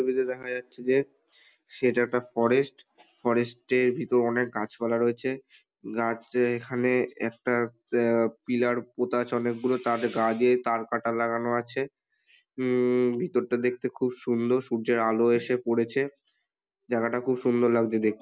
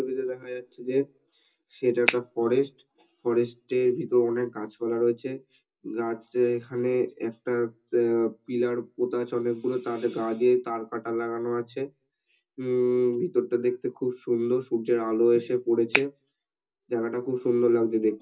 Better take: first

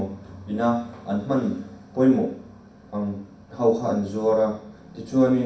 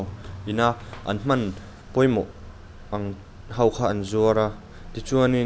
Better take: second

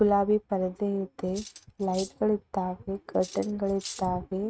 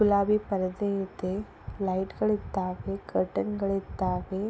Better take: second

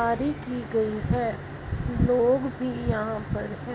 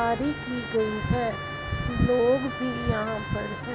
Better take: first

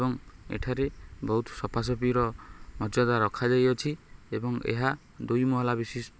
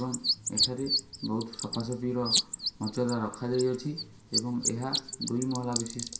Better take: first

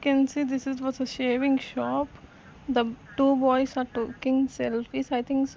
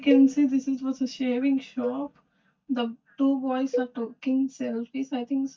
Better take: first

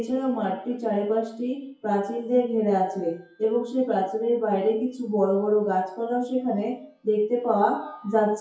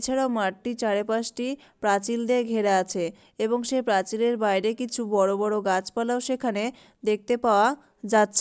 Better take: second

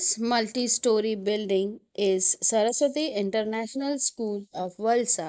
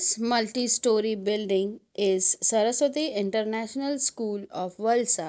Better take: second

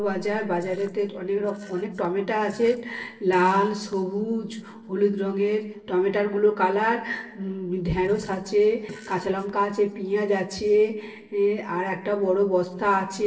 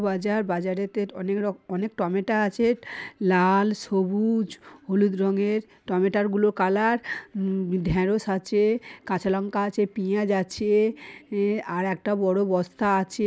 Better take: second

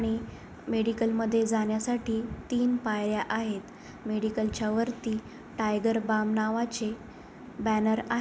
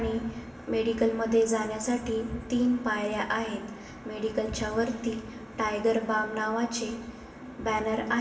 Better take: first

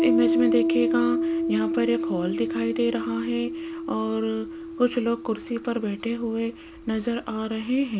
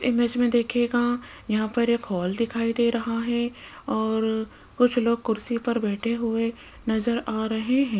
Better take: second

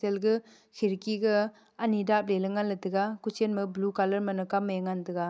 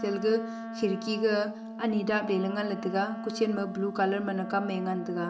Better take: first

